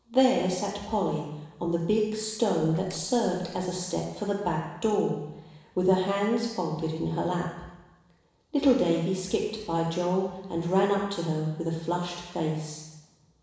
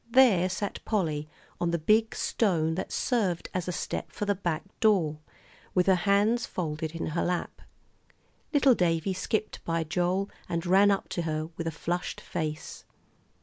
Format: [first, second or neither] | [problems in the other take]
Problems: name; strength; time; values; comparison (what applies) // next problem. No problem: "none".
second | noise reduction (neural separator model SepFormer DNS4)